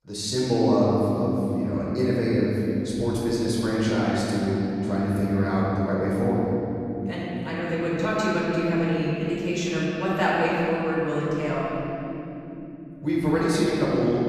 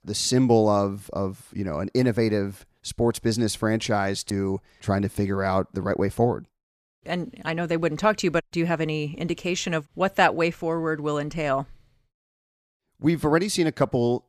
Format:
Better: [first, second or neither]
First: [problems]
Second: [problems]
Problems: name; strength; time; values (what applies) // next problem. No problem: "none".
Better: second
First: room echo; strong; dies away in 3 s // off-mic speech; far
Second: none